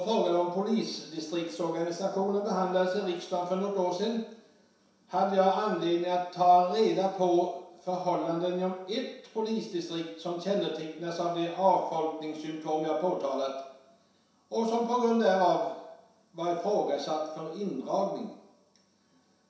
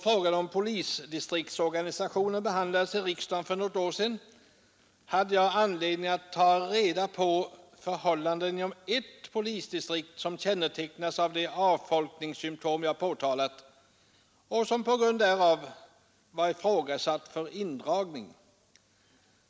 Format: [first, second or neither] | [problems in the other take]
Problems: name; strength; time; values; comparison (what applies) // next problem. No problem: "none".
second | room echo; dies away in 0.7 s